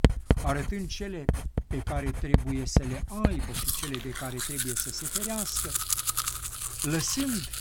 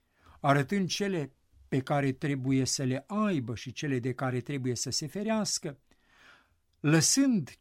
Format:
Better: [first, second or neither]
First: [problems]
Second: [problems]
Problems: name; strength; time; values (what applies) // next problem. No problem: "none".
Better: second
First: household noises; very loud; throughout; 4 dB above the speech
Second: none